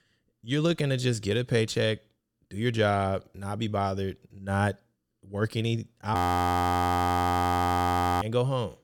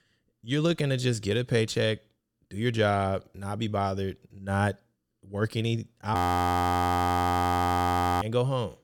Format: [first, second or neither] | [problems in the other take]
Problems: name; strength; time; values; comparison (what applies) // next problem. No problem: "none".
neither | audio freezing; at 6 s for 2 s; the same in both